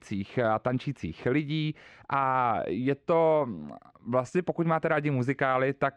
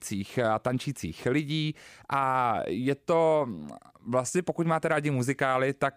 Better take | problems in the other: second | muffled; slightly; fading above 3 kHz

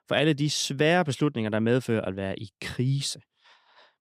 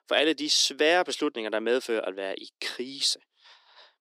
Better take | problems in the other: first | thin; somewhat; fading below 300 Hz

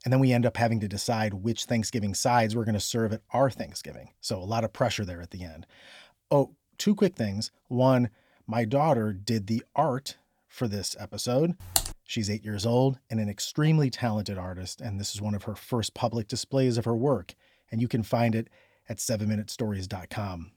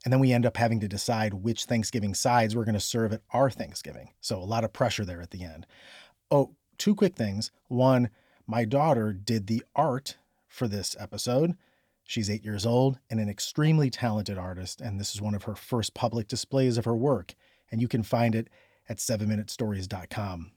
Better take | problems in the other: second | keyboard typing; loud; at 12 s; peak 1 dB above the speech

